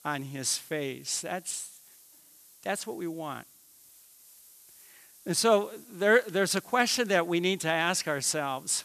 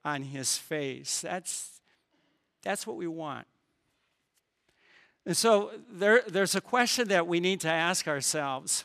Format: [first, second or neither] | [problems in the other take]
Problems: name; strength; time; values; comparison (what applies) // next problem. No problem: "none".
second | hiss; faint; throughout; 25 dB below the speech